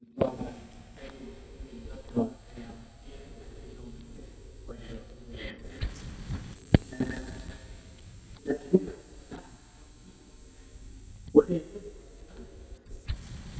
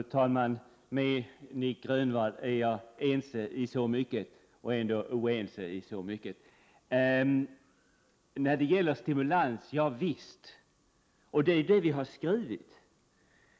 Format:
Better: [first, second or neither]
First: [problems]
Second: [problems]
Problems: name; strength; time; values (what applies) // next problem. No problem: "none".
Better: second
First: noise reduction (neural mask model DeepFilterNet 3)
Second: none